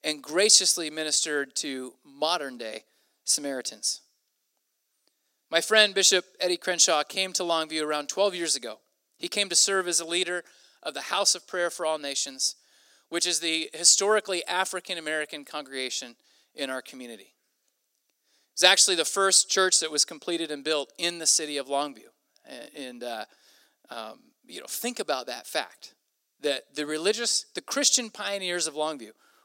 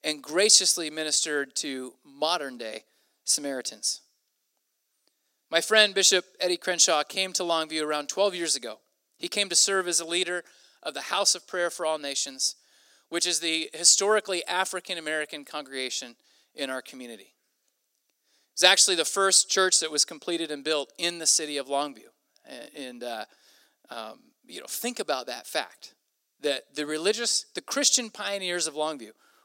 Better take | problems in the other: neither | thin; somewhat; fading below 450 Hz; the same in both

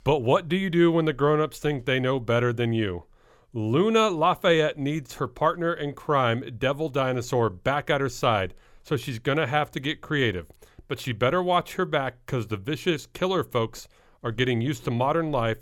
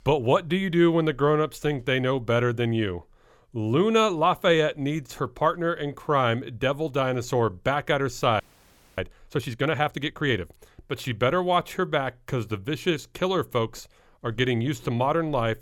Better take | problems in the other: first | audio freezing; at 8.5 s for 0.5 s

